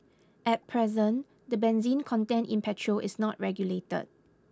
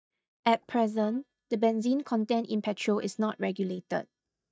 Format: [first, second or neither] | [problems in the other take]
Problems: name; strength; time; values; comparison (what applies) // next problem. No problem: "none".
first | noise reduction (neural mask model DeepFilterNet 3)